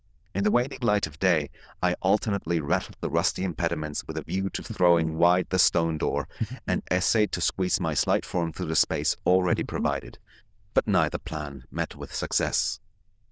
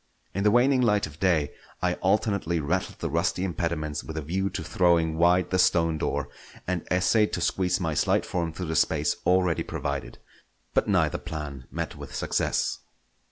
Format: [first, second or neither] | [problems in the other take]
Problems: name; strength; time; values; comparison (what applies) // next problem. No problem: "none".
second | noise reduction (neural diffusion model UNIVERSE++)